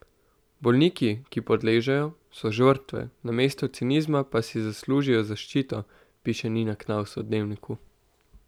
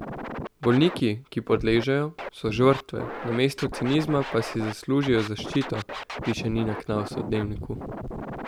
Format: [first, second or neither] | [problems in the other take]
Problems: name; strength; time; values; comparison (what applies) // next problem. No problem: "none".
first | background sound (Scratching (performance technique)); 10 dB below the speech